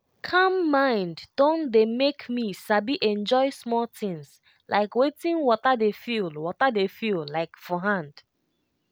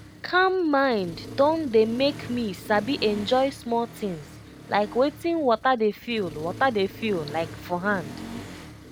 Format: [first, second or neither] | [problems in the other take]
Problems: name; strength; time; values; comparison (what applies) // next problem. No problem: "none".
first | background sound (Accelerating, revving, vroom); 15 dB below the speech